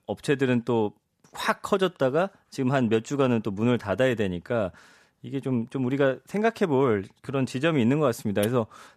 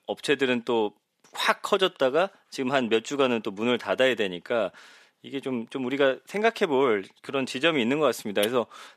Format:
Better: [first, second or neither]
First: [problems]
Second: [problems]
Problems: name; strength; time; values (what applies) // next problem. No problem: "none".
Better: first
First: none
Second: thin; very slightly; fading below 300 Hz